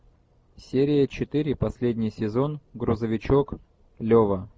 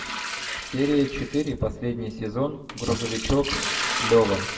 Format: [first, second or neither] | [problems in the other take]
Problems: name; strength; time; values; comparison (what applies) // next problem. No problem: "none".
first | background sound (Liquid); 6 dB below the speech // room echo; dies away in 0.7 s